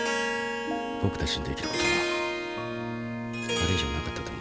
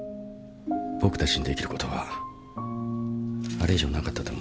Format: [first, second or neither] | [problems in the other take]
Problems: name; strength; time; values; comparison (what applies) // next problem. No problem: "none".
second | background sound (Harp); 2 dB above the speech